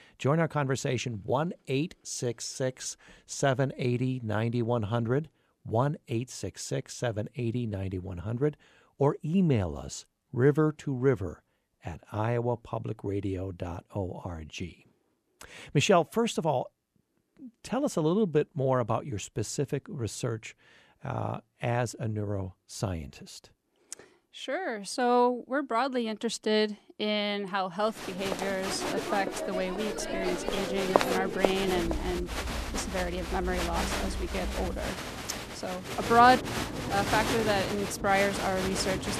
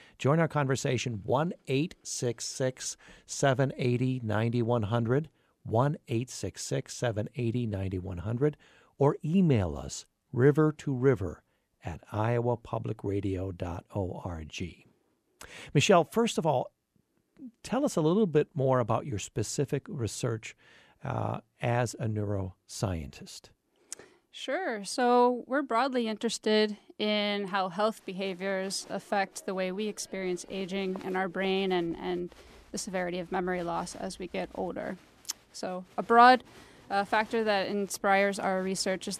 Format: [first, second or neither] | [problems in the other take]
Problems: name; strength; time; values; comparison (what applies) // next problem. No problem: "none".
second | crowd noise; loud; from 28 s on; 3 dB below the speech; faint in the second